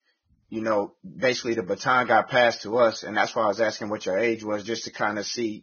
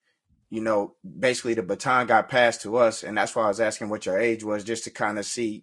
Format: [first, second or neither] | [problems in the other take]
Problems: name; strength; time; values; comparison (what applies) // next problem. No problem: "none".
second | garbled, watery; badly; nothing above 6.5 kHz; slightly in the second